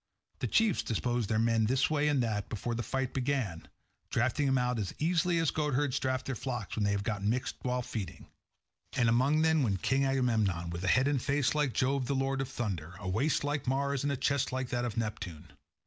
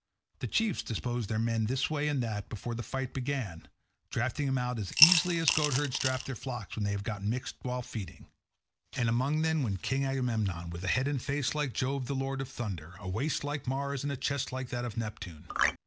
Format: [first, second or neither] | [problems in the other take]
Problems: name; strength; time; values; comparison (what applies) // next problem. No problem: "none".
first | background sound (Coin (dropping) / Glass + Marimba, xylophone); 2 dB above the speech